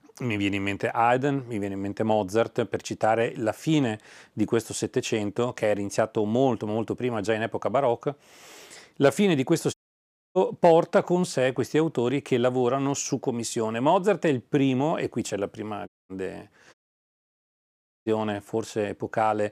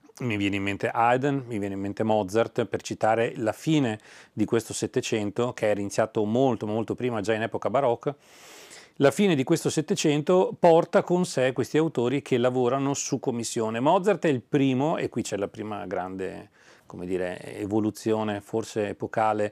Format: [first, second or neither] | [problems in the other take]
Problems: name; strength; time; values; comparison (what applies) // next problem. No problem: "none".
second | audio cutting out; at 9.5 s for 0.5 s, at 16 s and at 17 s for 1.5 s